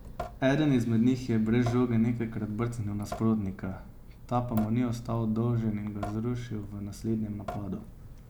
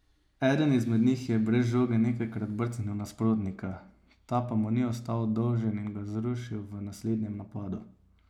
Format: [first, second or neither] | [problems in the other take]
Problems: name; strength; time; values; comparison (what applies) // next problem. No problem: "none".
second | background sound (Drip / Sink (filling or washing) / Water tap, faucet); 14 dB below the speech